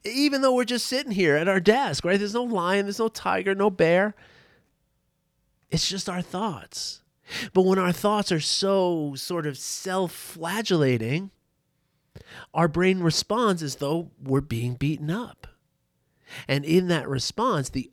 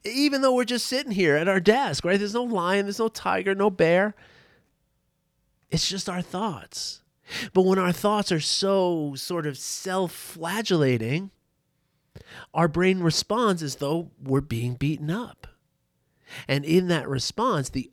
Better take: neither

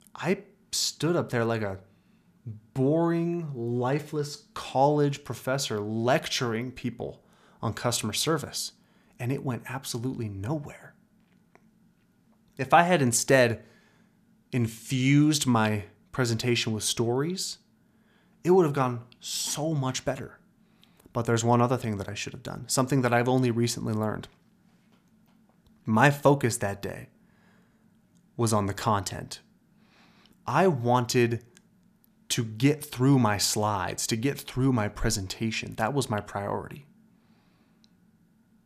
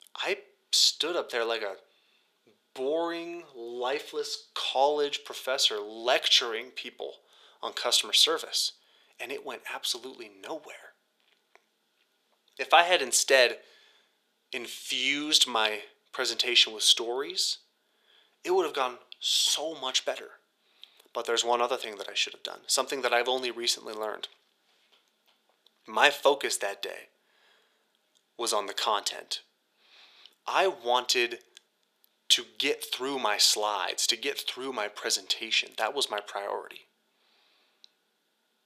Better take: first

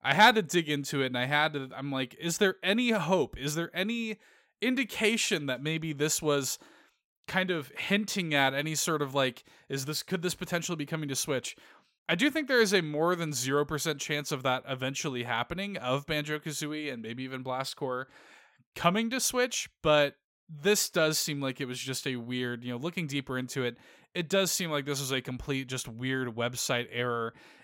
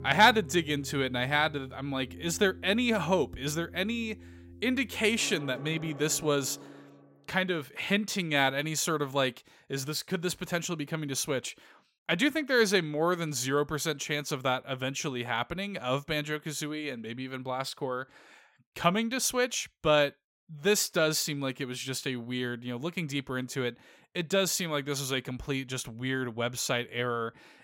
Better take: first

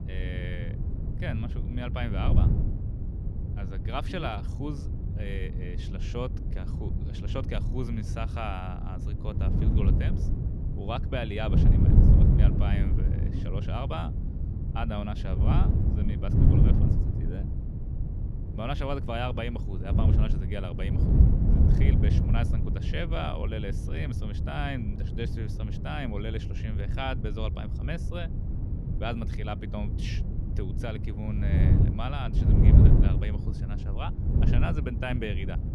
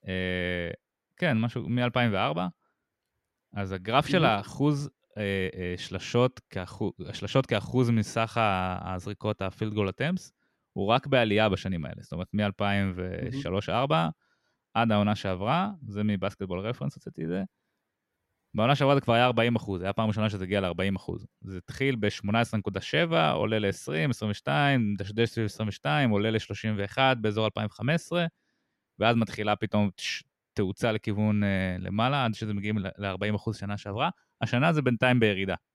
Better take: second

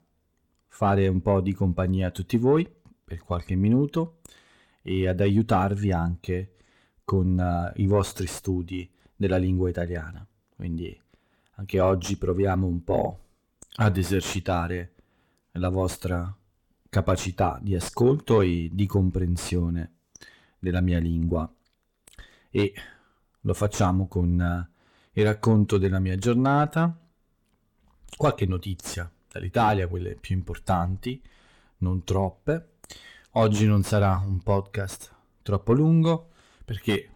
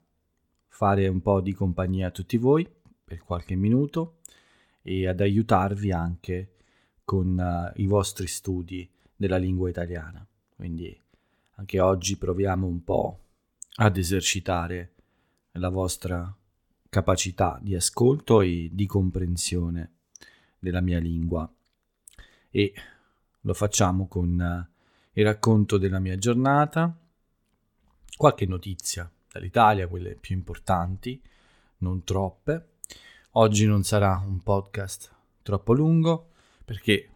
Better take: second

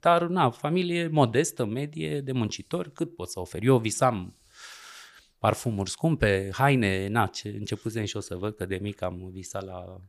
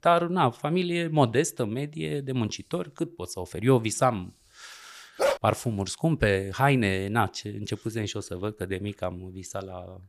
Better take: first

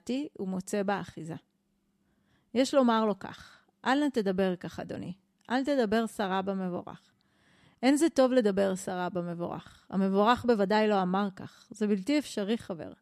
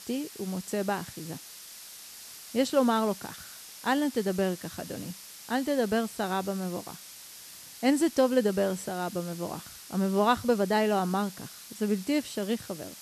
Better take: first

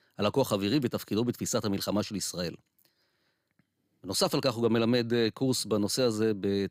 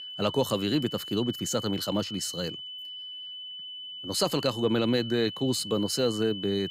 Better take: first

